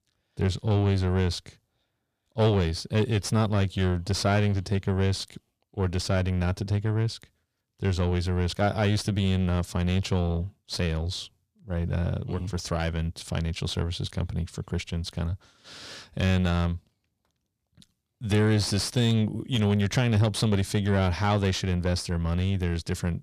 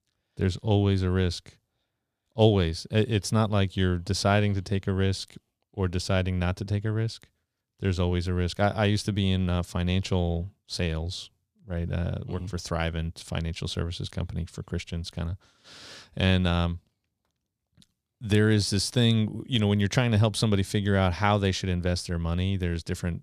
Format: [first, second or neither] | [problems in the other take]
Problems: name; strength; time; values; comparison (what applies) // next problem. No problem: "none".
second | distortion; slight; 10 dB below the speech